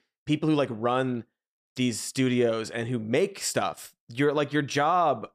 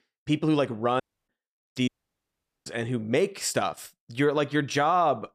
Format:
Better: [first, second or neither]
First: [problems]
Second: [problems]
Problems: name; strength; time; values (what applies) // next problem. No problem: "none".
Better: first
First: none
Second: audio cutting out; at 1 s and at 2 s for 1 s